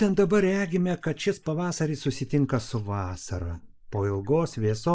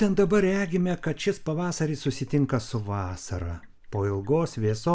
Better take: second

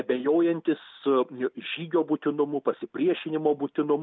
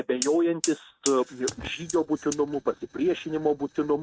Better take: first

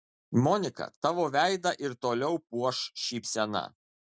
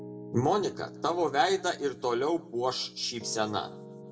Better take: first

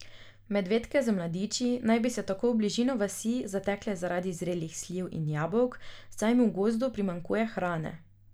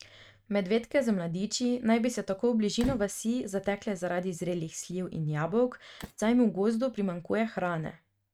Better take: first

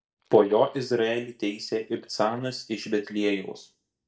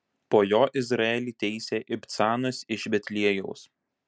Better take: second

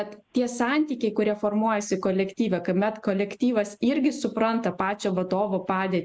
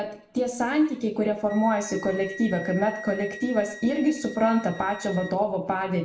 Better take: first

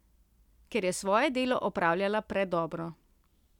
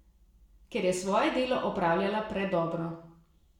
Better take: first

